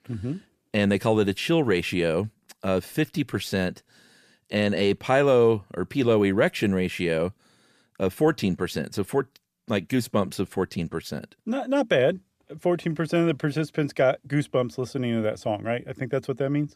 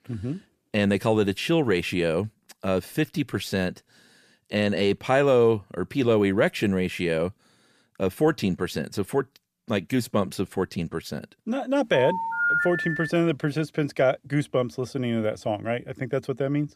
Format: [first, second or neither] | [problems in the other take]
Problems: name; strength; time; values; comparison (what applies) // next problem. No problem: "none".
first | phone ringing; loud; from 12 to 13 s; peak 3 dB above the speech